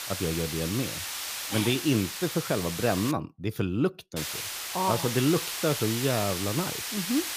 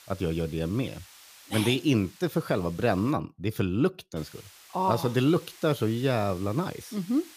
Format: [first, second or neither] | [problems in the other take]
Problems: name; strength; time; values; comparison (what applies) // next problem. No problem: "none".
second | hiss; loud; until 3 s and from 4 s on; 4 dB below the speech; faint in the second